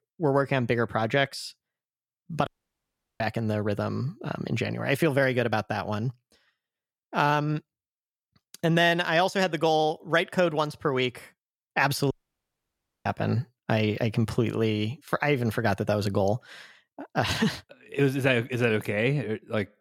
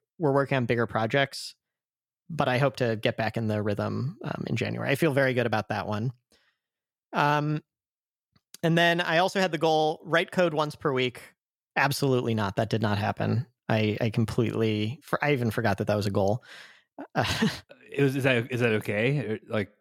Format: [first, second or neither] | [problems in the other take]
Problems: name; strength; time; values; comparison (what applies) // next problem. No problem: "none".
second | audio cutting out; at 2.5 s for 0.5 s and at 12 s for 1 s